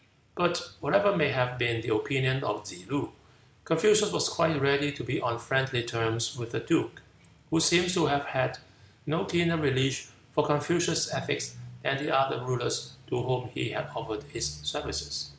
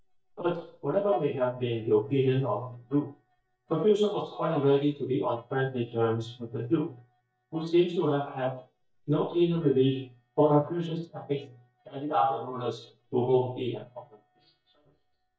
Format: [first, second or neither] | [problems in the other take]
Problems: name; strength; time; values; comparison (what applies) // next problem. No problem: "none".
first | noise reduction (neural mask model DeepFilterNet 3)